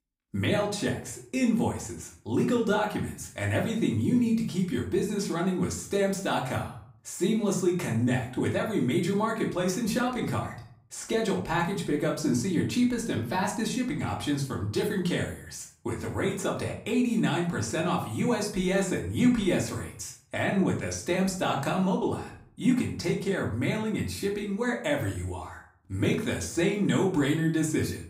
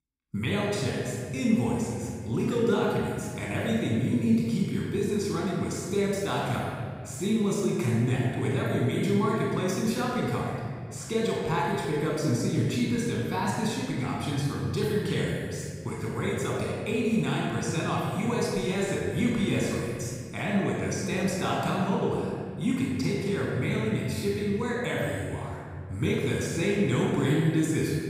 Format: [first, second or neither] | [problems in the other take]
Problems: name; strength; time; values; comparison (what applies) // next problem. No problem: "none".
first | room echo; strong; dies away in 2.1 s; slight in the first // off-mic speech; far; far in the first